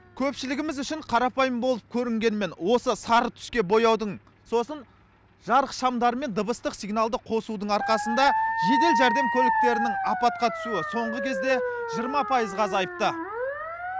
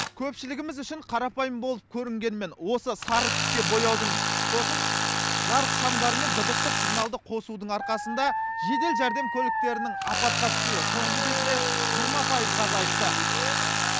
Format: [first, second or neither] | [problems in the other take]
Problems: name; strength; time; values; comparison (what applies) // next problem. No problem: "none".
first | background sound (Tools); 1 dB above the speech